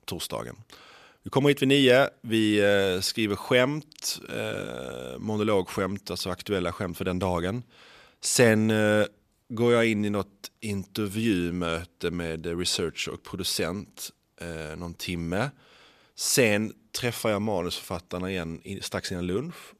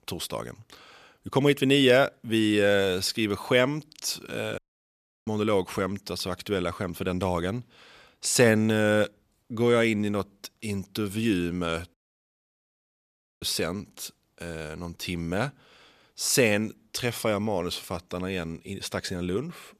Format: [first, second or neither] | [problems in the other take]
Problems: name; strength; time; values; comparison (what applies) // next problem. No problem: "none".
first | audio cutting out; at 4.5 s for 0.5 s and at 12 s for 1.5 s